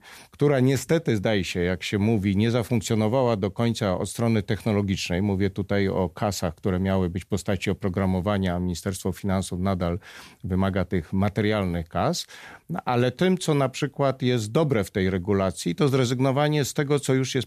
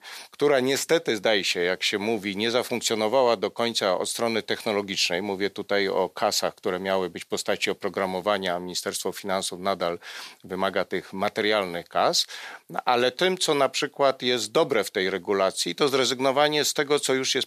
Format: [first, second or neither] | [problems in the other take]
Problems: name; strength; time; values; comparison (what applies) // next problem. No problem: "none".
first | thin; somewhat; fading below 450 Hz